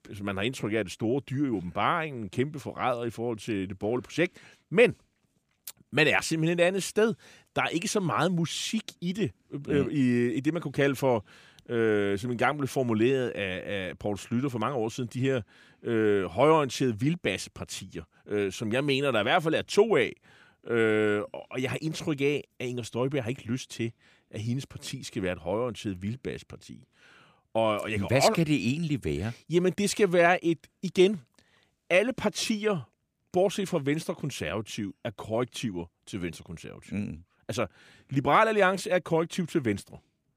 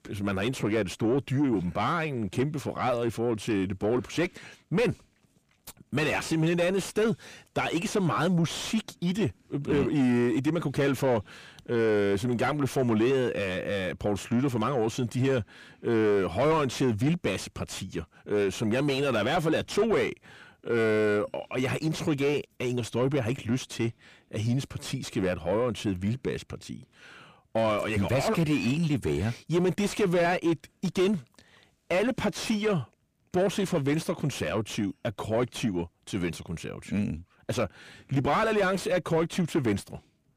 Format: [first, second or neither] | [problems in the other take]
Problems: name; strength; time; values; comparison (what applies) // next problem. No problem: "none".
first | distortion; heavy; 7 dB below the speech